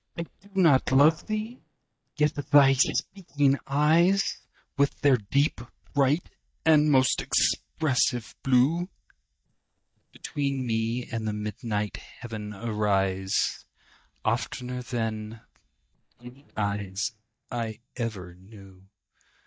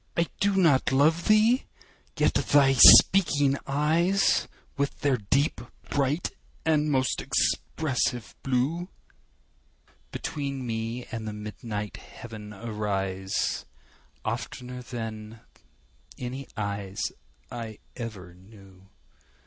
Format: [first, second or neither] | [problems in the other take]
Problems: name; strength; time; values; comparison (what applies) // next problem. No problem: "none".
second | noise reduction (neural mask model DeepFilterNet 3)